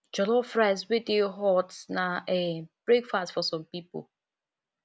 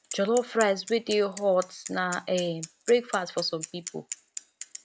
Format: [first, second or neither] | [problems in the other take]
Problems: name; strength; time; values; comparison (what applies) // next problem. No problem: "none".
first | background sound (Bicycle); 14 dB below the speech